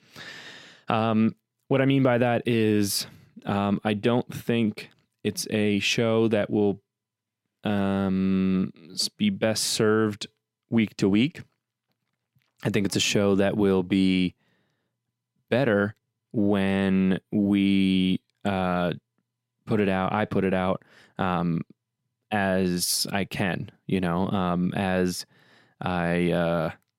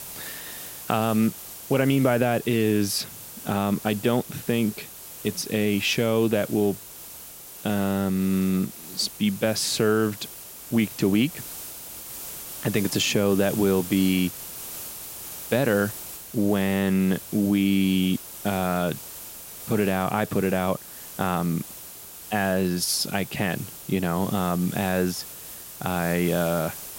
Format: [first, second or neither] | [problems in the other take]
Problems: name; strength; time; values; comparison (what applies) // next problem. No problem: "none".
first | hiss; noticeable; throughout; 10 dB below the speech